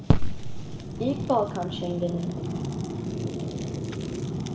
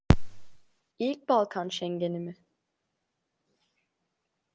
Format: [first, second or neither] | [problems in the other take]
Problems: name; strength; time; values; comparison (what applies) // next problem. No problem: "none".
second | background sound (Fire); 5 dB below the speech // room echo; dies away in 0.8 s